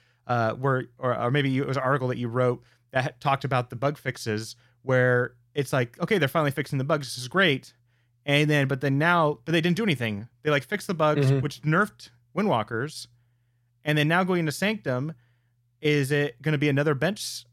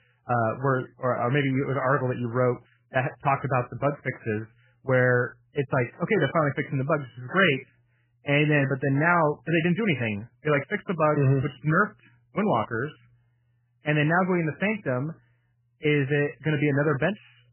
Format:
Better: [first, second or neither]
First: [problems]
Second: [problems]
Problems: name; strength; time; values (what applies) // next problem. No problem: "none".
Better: first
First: none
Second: garbled, watery; badly; nothing above 3 kHz